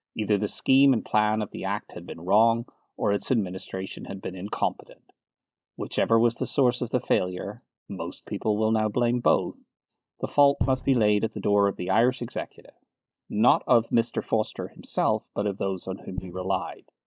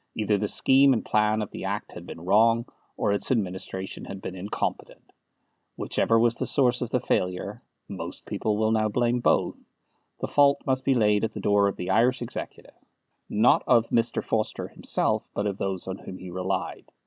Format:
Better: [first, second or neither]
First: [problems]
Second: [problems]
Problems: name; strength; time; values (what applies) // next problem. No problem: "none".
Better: second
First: noise reduction (neural mask model DeepFilterNet 3)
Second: none